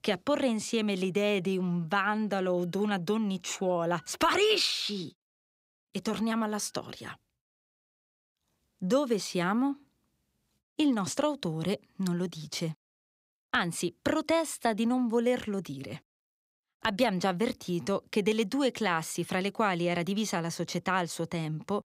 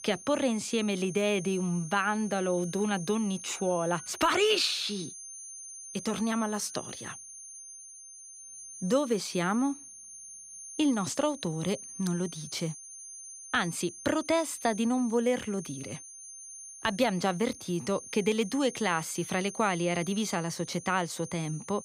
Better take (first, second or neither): first